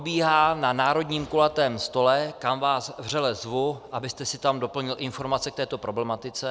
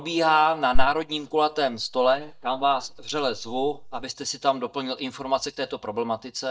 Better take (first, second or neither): first